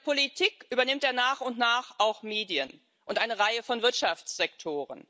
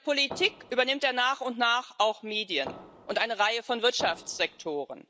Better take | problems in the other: first | background sound (Fireworks); 16 dB below the speech

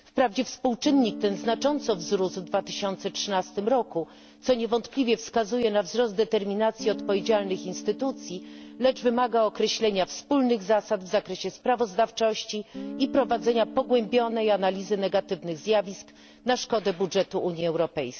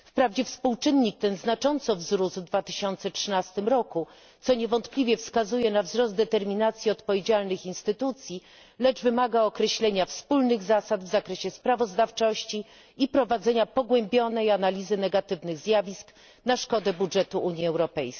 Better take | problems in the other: second | background sound (Guitar); 16 dB below the speech

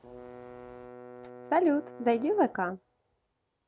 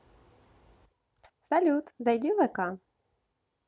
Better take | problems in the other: second | background sound (Bowed string instrument); 17 dB below the speech

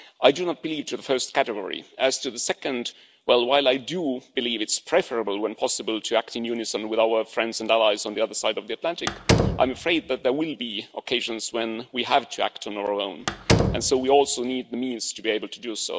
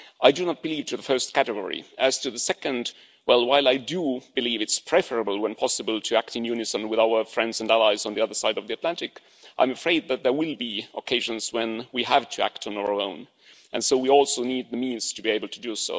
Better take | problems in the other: second | background sound (Slam); 1 dB below the speech

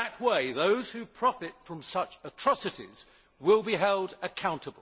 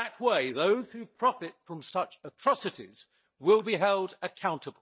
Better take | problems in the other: first | noise reduction (neural mask model DeepFilterNet 3)

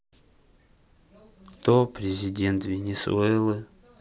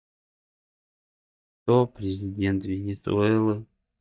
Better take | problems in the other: first | noise reduction (neural mask model DeepFilterNet 3)

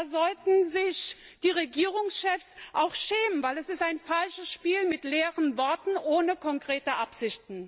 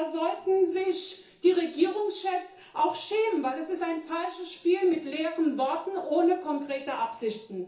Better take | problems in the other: first | room echo; dies away in 0.7 s

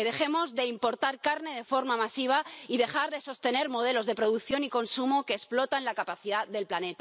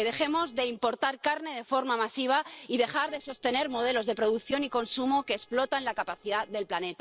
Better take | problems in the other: first | noise reduction (neural separator model SepFormer DNS4)

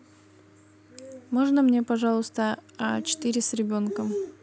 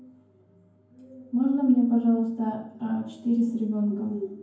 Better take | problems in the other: first | room echo; dies away in 0.9 s

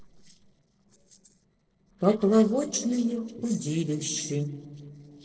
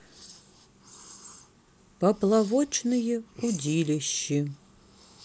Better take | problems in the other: second | noise reduction (neural separator model SepFormer DNS4)

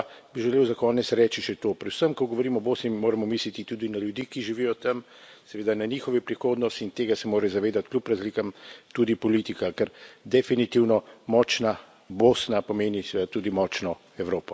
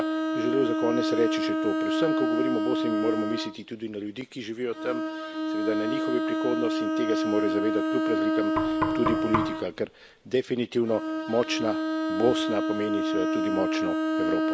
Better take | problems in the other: first | background sound (Bowed string instrument + Knock); 3 dB above the speech

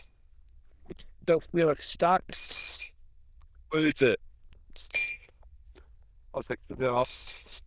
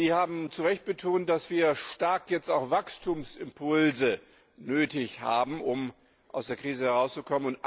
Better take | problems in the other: second | noise reduction (neural diffusion model UNIVERSE++)

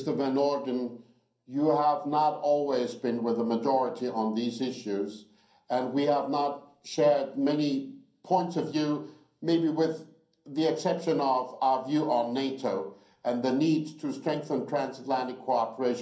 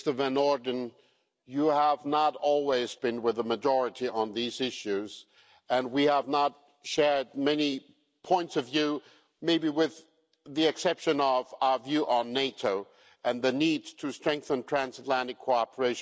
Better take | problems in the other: second | room echo; dies away in 0.6 s

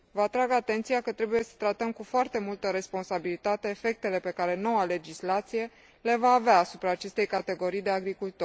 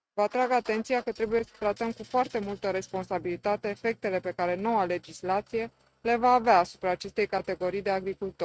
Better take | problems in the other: first | noise reduction (neural mask model RNNoise)

